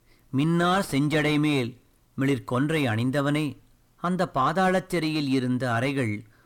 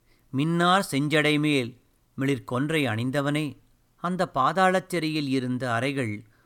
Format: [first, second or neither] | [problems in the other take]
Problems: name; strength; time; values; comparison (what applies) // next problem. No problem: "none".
second | distortion; slight; 10 dB below the speech